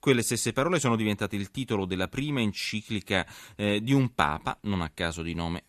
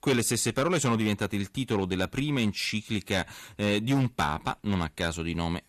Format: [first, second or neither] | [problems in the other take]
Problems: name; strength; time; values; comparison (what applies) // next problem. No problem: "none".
first | distortion; slight; 5% of the sound clipped